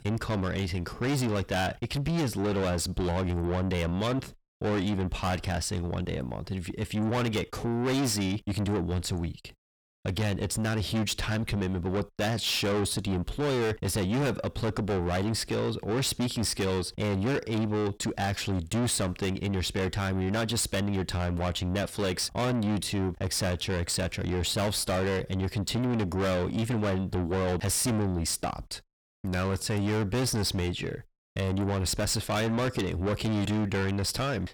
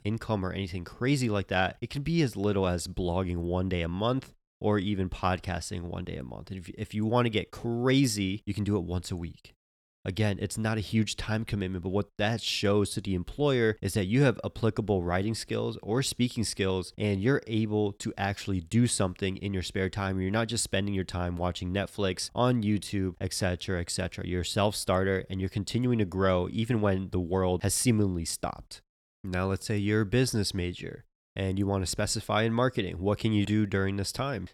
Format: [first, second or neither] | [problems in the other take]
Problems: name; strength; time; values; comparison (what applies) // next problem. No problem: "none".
second | distortion; heavy; 6 dB below the speech